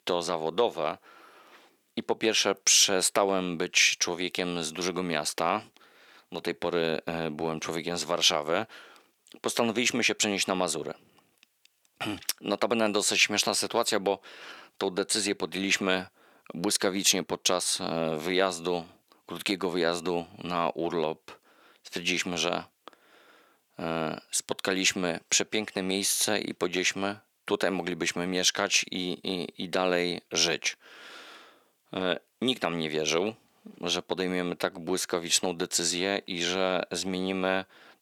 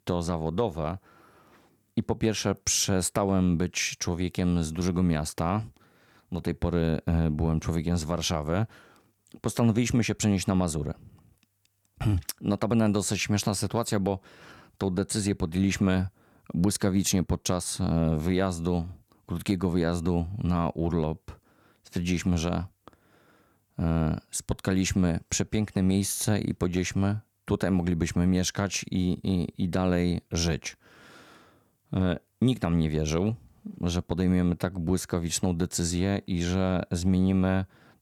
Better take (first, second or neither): second